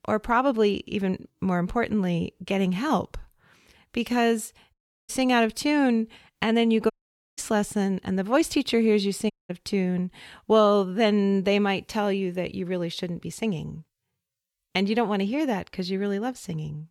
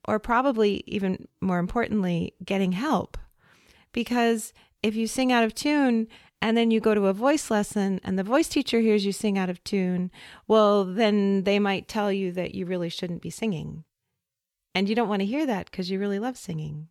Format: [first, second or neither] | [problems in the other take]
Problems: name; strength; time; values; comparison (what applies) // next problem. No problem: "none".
second | audio cutting out; at 4.5 s, at 7 s and at 9.5 s